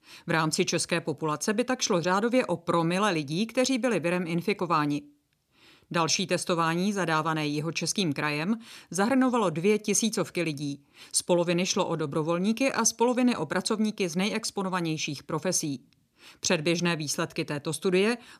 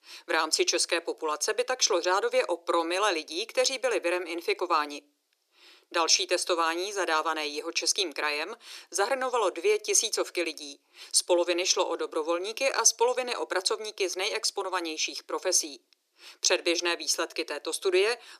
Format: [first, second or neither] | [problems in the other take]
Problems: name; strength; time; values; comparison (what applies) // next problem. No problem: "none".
first | thin; very; fading below 350 Hz